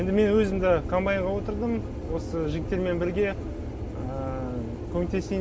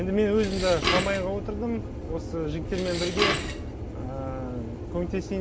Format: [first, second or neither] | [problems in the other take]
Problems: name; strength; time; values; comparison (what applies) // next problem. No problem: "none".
first | background sound (Dishes, pots, and pans); 5 dB below the speech